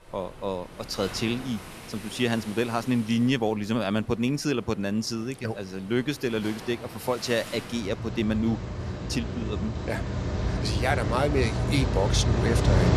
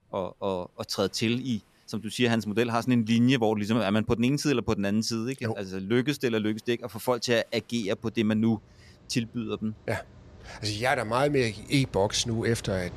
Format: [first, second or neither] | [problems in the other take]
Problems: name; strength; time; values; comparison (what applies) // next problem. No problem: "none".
second | rain or running water; loud; throughout; 3 dB below the speech; faint in the second